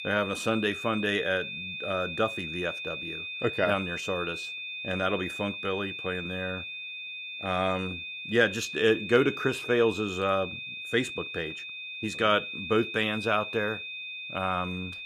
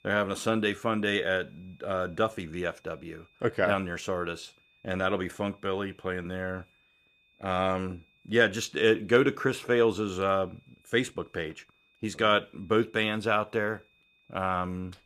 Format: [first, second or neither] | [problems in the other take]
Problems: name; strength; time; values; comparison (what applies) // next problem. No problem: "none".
second | high-pitched whine; loud; throughout; 2.5 kHz, 6 dB below the speech; faint in the second